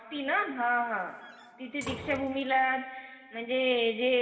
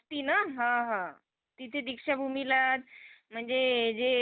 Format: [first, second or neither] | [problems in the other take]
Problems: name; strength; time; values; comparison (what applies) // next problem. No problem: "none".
second | background sound (Slam); 16 dB below the speech // room echo; dies away in 2.1 s